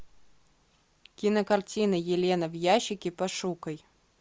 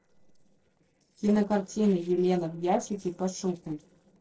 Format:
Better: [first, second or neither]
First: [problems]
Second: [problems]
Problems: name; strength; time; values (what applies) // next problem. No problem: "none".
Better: first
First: none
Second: noise reduction (neural separator model SepFormer DNS4)